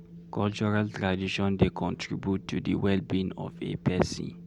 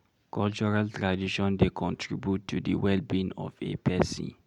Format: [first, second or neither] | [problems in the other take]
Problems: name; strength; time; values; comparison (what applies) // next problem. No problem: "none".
second | background sound (Wind); 19 dB below the speech